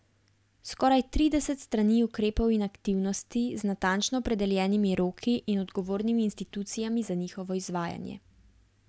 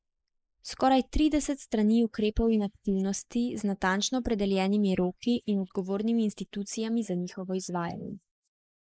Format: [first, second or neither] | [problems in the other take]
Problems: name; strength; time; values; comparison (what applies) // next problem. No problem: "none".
first | noise reduction (neural mask model Resemble Enhance denoiser)